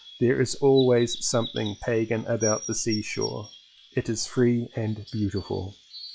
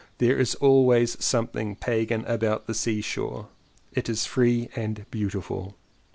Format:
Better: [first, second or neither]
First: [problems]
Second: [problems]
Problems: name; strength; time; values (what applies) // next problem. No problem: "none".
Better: second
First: noise reduction (classical method log-MMSE)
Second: none